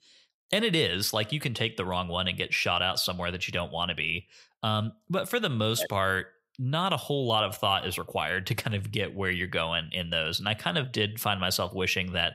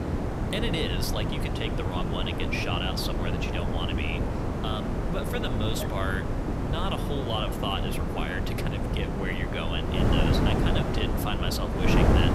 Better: first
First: none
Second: wind noise on the microphone; heavy; 1 dB below the speech

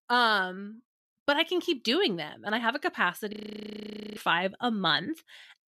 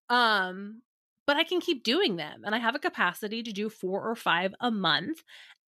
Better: second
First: audio freezing; at 3.5 s for 1 s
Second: none

